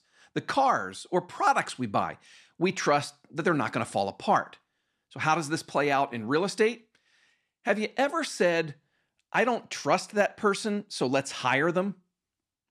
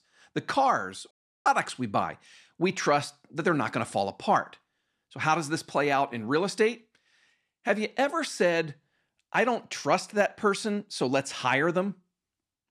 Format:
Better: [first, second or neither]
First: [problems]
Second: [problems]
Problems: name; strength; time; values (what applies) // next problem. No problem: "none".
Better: first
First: none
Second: audio cutting out; at 1 s